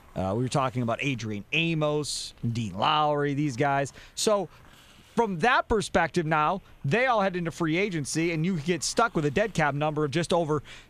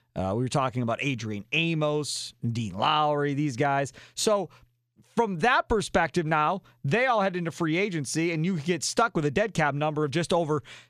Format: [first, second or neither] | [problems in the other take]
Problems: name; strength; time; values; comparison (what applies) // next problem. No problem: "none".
second | hiss; faint; throughout; 30 dB below the speech